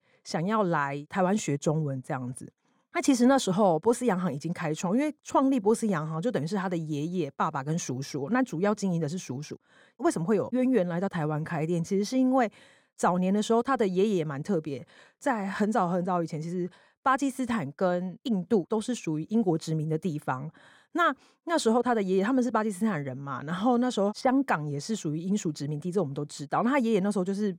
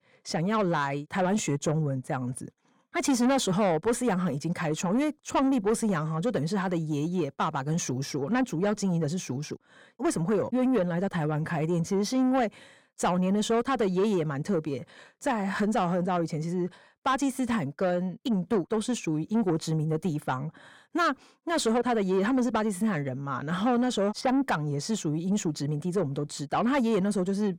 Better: first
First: none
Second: distortion; slight; 10 dB below the speech

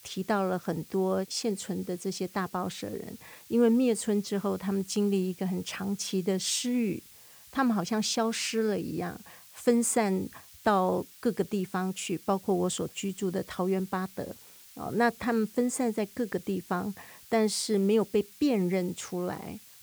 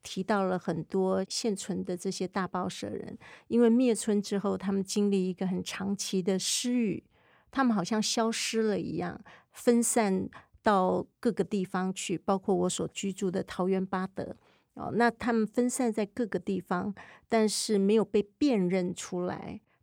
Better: second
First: hiss; noticeable; throughout; 20 dB below the speech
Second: none

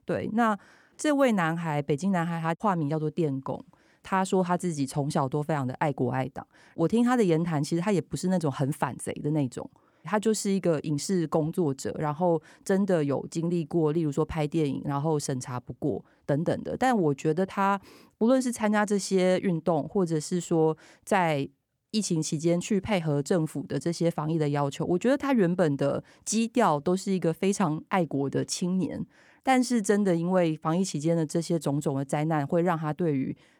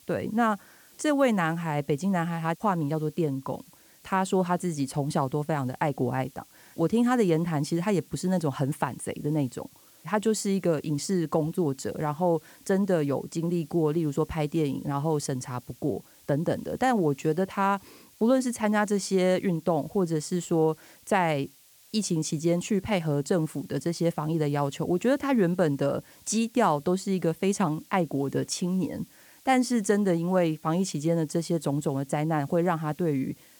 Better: first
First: none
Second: hiss; faint; throughout; 25 dB below the speech

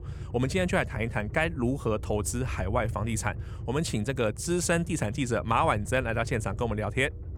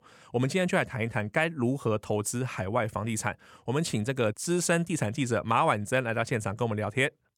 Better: second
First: low rumble; faint; throughout; 20 dB below the speech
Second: none

